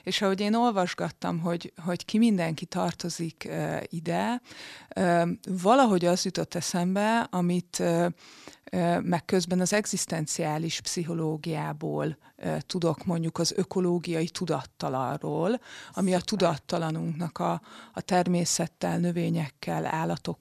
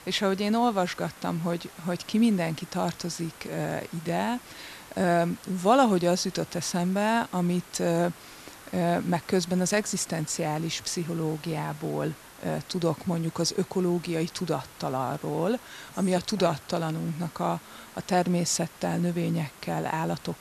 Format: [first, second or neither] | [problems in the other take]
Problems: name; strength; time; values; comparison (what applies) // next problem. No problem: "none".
first | hiss; noticeable; throughout; 20 dB below the speech